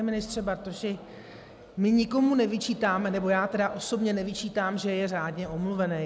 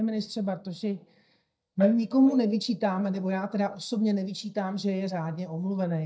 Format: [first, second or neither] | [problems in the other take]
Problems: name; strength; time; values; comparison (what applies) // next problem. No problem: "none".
first | noise reduction (neural mask model DeepFilterNet 3)